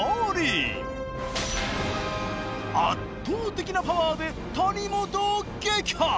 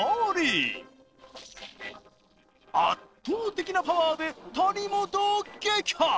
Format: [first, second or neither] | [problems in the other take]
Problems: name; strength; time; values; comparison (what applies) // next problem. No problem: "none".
first | noise reduction (neural separator model SepFormer DNS4)